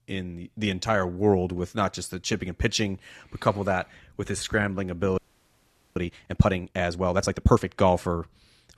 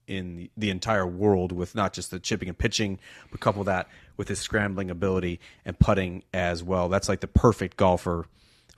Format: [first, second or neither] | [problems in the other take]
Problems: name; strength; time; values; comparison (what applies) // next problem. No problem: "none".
second | audio freezing; at 5 s for 1 s